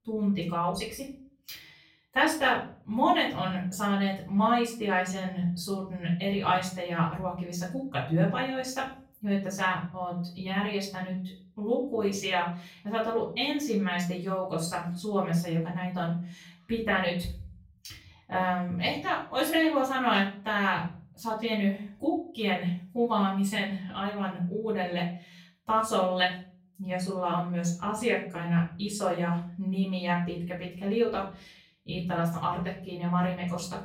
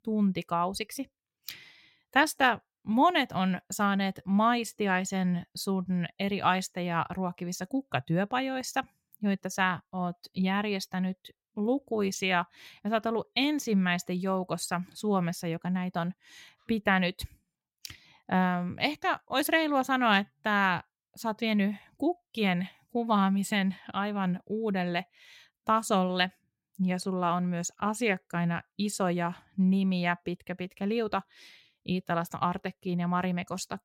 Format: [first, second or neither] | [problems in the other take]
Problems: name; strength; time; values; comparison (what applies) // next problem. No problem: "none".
second | room echo; slight; dies away in 0.5 s // off-mic speech; far